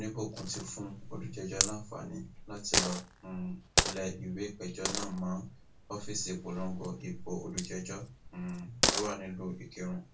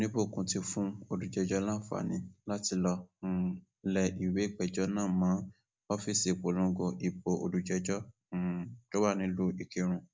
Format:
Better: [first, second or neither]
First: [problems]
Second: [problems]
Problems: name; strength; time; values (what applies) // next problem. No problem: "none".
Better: second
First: background sound (Coin (dropping)); 2 dB above the speech // room echo; dies away in 0.2 s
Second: none